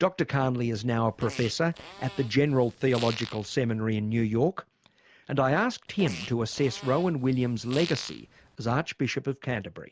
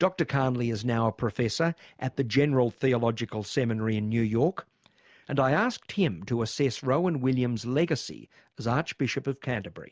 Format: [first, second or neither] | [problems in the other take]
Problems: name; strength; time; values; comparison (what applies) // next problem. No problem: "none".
second | background sound (Fart); 15 dB below the speech